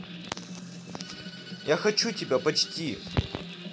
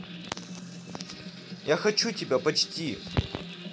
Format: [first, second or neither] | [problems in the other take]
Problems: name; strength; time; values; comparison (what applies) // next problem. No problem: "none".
second | background sound (Bowed string instrument); 20 dB below the speech